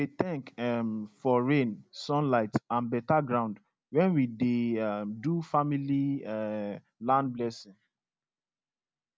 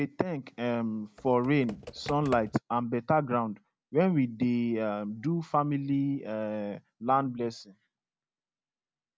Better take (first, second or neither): first